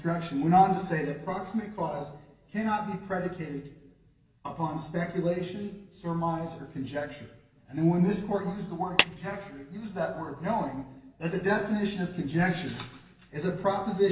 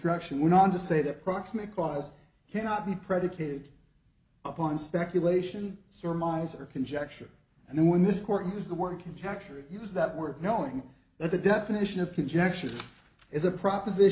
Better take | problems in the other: second | background sound (Clapping); 2 dB below the speech // room echo; dies away in 0.9 s

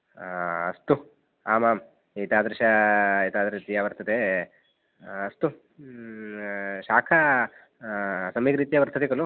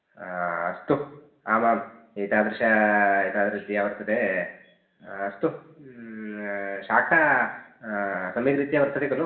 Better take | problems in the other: first | room echo; dies away in 0.7 s

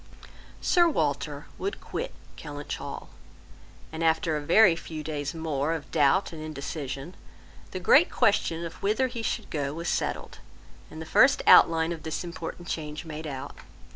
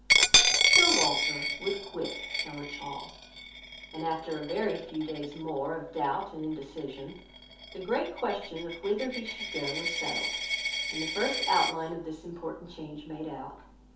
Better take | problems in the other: first | background sound (Coin (dropping)); 3 dB above the speech // room echo; dies away in 0.5 s

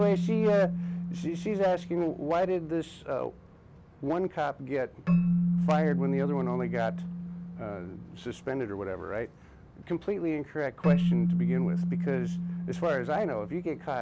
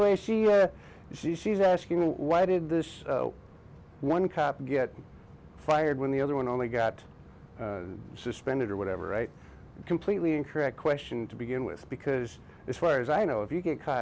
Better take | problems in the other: second | background sound (Keyboard (musical)); as loud as the speech

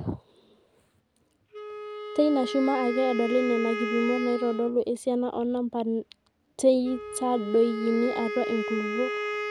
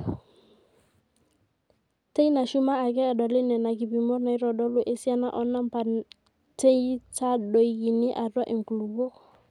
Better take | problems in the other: second | background sound (Wind instrument, woodwind instrument); 7 dB below the speech

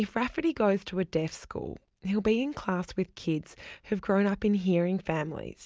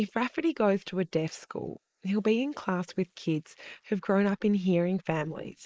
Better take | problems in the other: first | noise reduction (neural mask model Resemble Enhance denoiser)

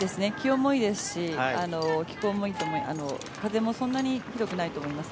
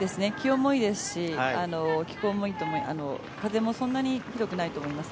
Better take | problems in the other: second | background sound (Keys jangling); 19 dB below the speech

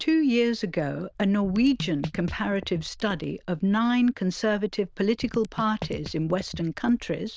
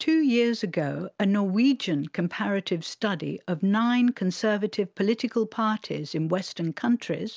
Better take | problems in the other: second | noise reduction (neural diffusion model UNIVERSE++)

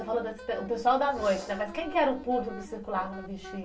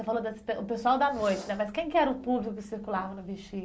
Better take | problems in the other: second | background sound (Wind instrument, woodwind instrument); 16 dB below the speech // room echo; dies away in 0.2 s

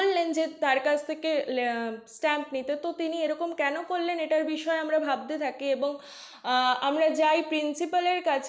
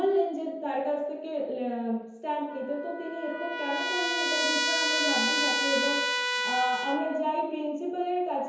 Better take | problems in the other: first | background sound (Trumpet); 1 dB below the speech // room echo; dies away in 0.9 s

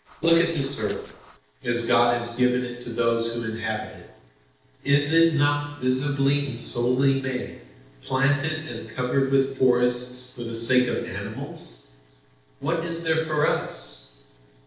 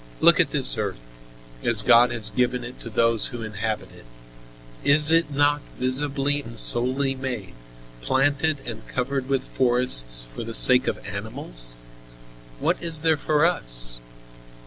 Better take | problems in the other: second | noise reduction (neural separator model SepFormer DNS4)

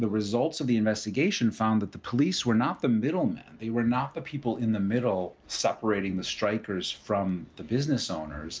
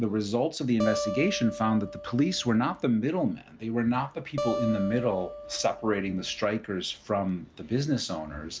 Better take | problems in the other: first | background sound (Acoustic guitar); 9 dB below the speech

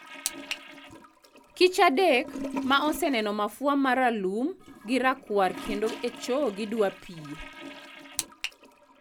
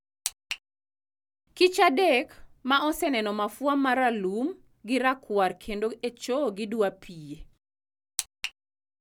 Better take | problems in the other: second | background sound (Toilet flush / Gurgling); 14 dB below the speech

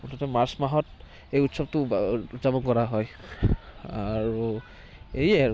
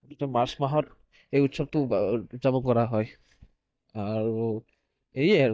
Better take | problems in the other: first | noise reduction (neural mask model DeepFilterNet 3)

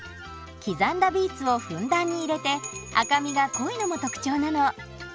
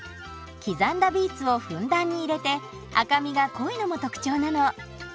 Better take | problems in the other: second | background sound (Bell); 16 dB below the speech

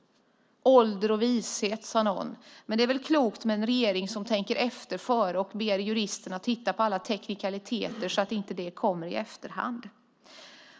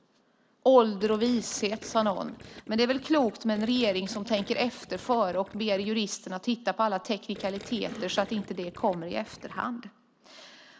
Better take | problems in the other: first | background sound (Gurgling); 18 dB below the speech

